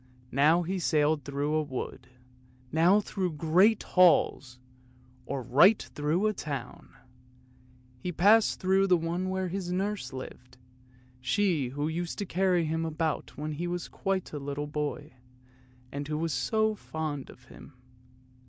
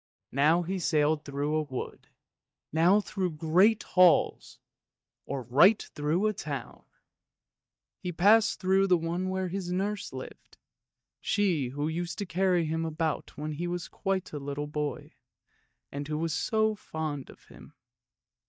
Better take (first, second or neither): first